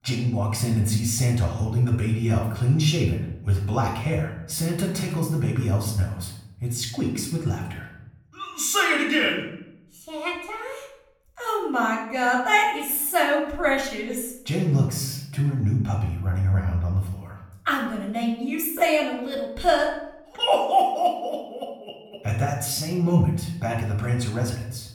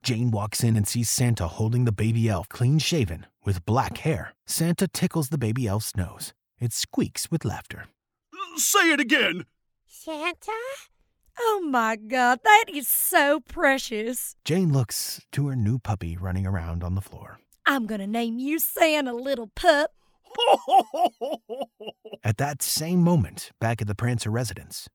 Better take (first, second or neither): second